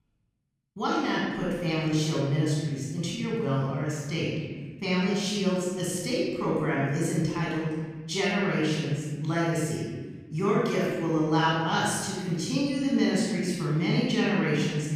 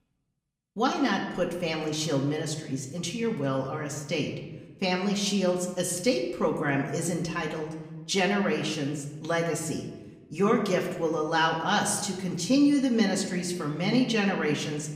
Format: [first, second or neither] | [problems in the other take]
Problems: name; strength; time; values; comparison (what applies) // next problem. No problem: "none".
second | room echo; strong; dies away in 1.5 s; slight in the second // off-mic speech; far; somewhat distant in the second